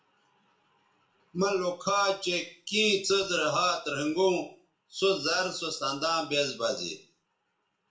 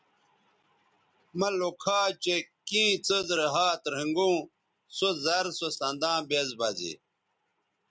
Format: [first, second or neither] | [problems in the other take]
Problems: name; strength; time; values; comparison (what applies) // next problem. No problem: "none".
second | room echo; dies away in 0.4 s